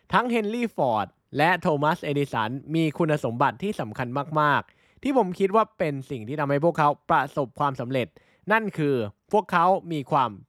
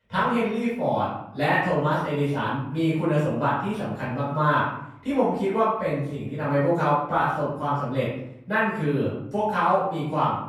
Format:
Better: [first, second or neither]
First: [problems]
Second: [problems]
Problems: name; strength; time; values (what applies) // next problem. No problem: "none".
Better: first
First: none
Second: off-mic speech; far // room echo; noticeable; dies away in 0.7 s